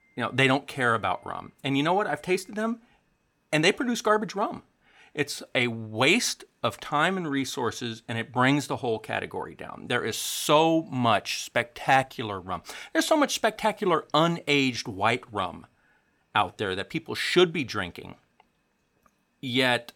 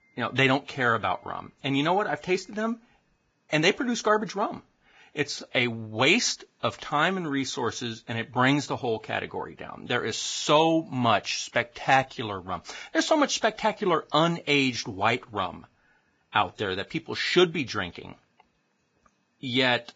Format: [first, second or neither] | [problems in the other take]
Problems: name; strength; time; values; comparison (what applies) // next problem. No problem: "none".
first | garbled, watery; badly; nothing above 7.5 kHz